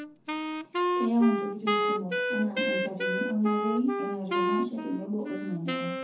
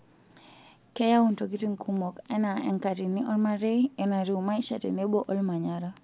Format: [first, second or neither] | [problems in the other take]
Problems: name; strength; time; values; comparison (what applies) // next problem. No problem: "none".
second | background sound (Wind instrument, woodwind instrument); as loud as the speech // room echo; dies away in 0.7 s